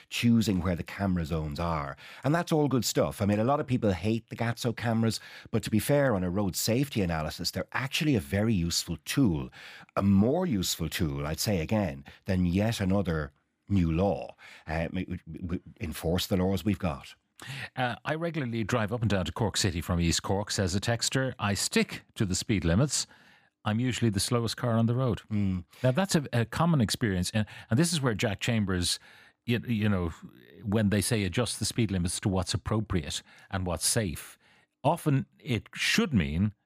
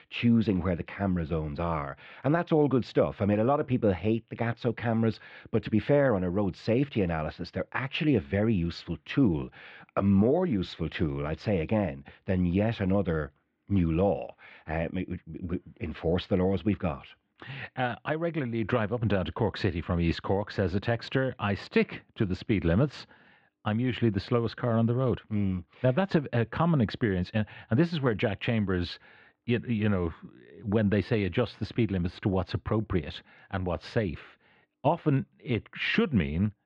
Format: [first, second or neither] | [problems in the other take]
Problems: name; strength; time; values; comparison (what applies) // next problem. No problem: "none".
first | muffled; very; fading above 3 kHz